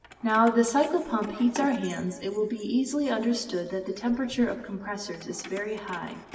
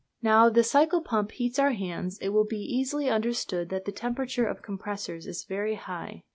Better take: second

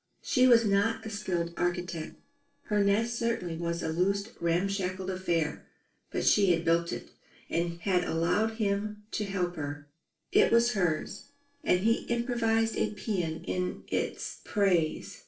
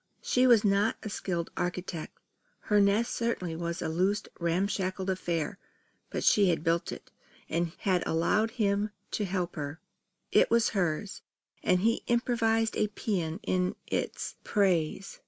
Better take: second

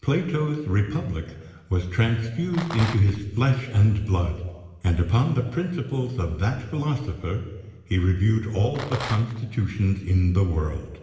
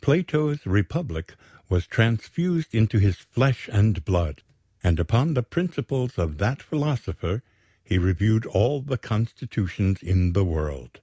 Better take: second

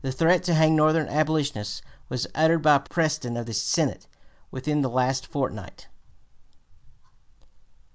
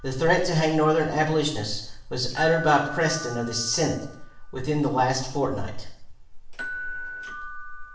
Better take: first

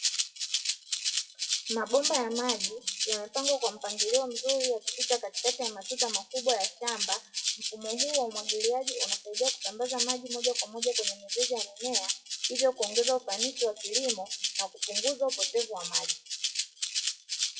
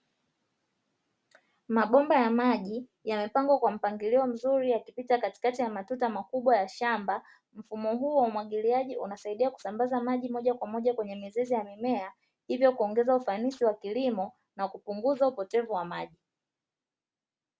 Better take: second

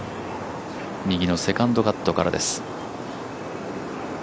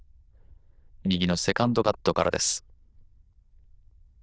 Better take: first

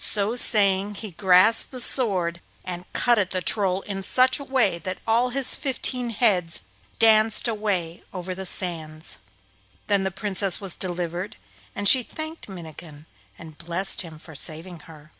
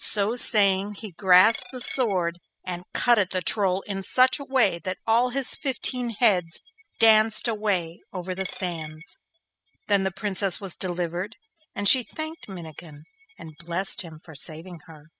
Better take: first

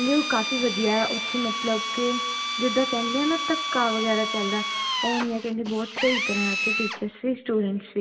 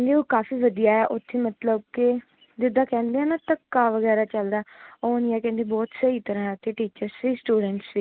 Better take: second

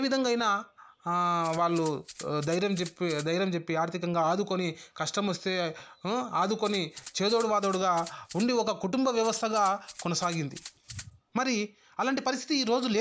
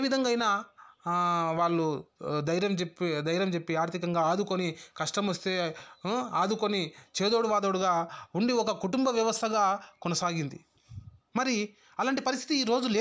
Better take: second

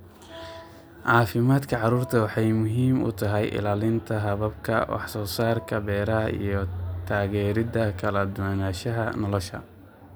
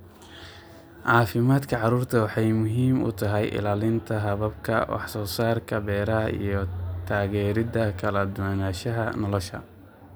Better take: second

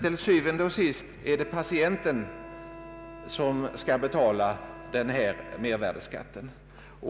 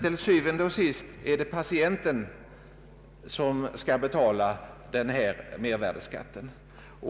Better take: second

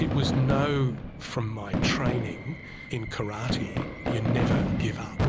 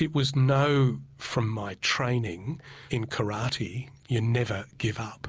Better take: second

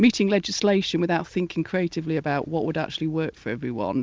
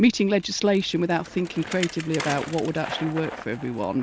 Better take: first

